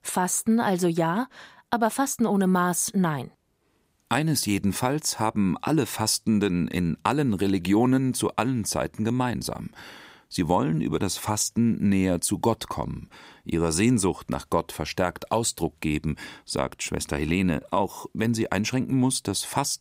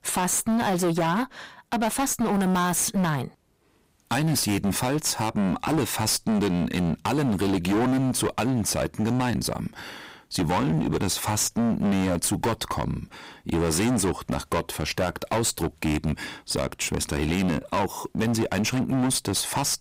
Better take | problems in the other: first | distortion; heavy; 24% of the sound clipped

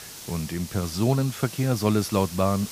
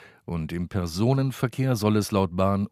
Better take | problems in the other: second | hiss; noticeable; throughout; 10 dB below the speech

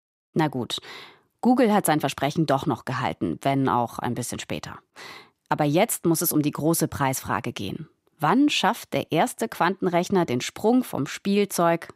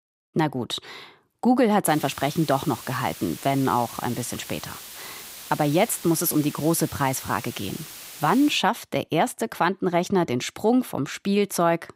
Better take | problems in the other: first | hiss; noticeable; from 2 to 8.5 s; 15 dB below the speech

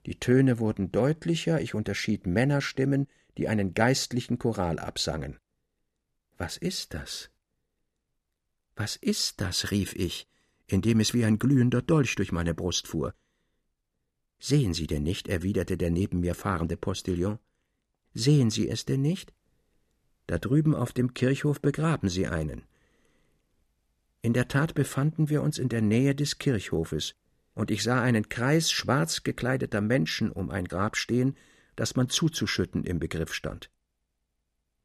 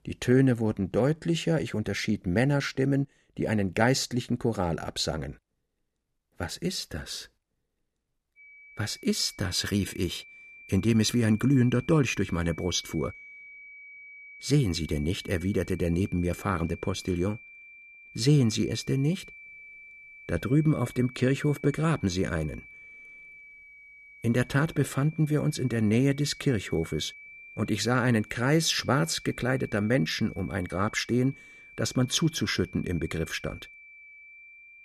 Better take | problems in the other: first | high-pitched whine; noticeable; from 8.5 s on; 2.5 kHz, 20 dB below the speech

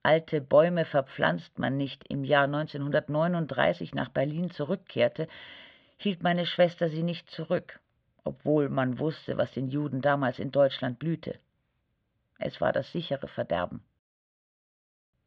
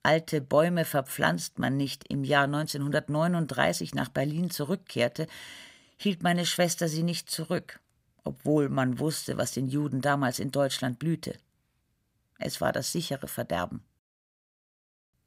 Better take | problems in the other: second | muffled; very; fading above 3.5 kHz

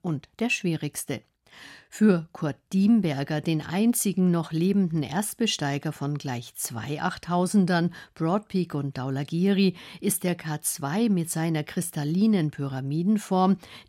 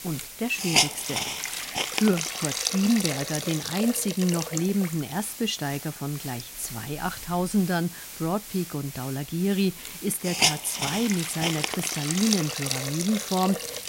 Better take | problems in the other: first | hiss; loud; throughout; 1 dB below the speech

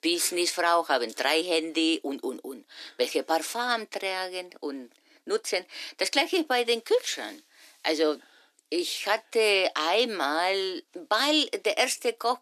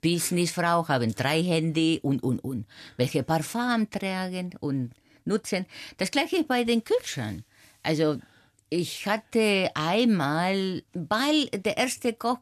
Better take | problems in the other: second | thin; somewhat; fading below 300 Hz

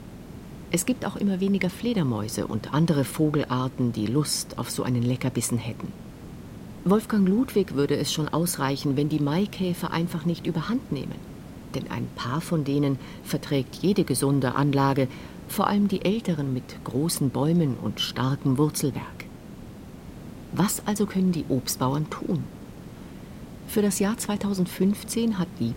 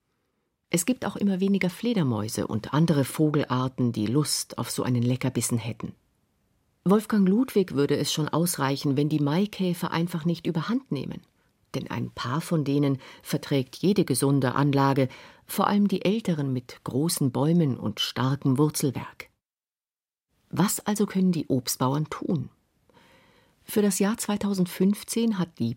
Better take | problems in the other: second | hiss; noticeable; throughout; 15 dB below the speech

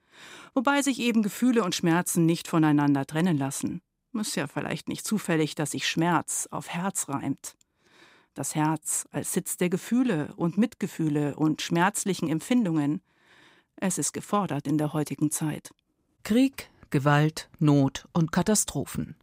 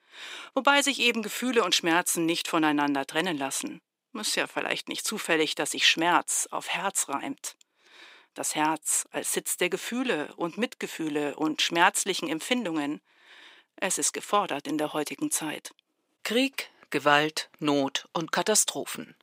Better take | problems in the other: first | thin; somewhat; fading below 450 Hz

